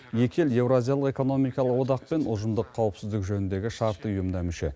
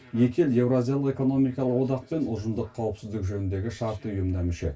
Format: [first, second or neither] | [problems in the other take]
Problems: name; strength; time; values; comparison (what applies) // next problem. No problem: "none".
first | room echo; dies away in 0.1 s